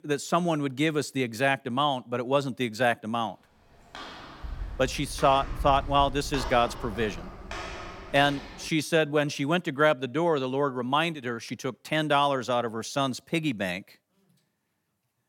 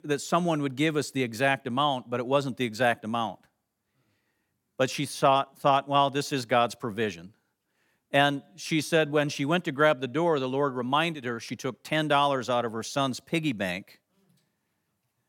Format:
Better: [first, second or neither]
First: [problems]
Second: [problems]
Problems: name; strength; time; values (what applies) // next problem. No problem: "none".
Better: second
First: footsteps; noticeable; from 4 to 8.5 s; peak 9 dB below the speech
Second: none